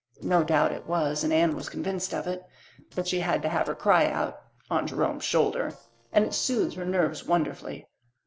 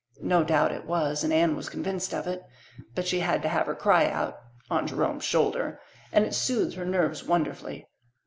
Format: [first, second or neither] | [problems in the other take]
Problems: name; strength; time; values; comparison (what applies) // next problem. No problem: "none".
second | noise reduction (neural separator model SepFormer DNS4)